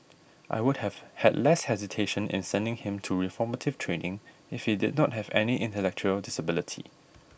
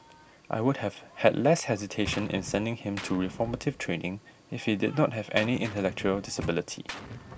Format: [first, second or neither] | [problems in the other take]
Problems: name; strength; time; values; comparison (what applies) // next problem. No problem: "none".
first | background sound (Microwave oven + Gunshot, gunfire); 14 dB below the speech